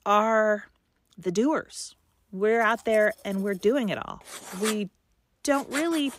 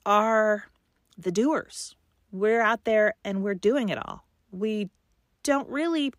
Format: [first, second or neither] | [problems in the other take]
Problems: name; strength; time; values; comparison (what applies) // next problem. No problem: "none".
second | household noises; noticeable; from 2.5 s on; 10 dB below the speech